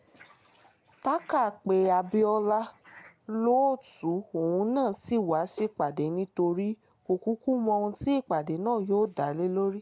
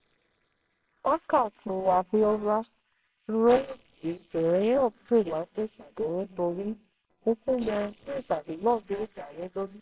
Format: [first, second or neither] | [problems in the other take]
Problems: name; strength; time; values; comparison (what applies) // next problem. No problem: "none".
first | noise reduction (neural separator model SepFormer WHAMR!)